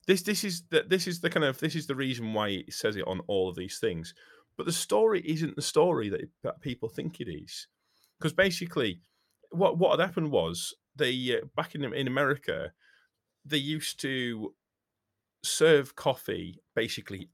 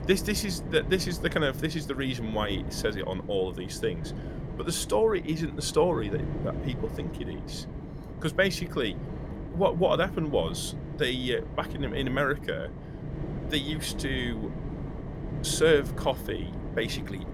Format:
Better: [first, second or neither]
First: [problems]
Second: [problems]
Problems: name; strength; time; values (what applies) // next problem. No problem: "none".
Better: first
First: none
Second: wind noise on the microphone; occasional gusts; 15 dB below the speech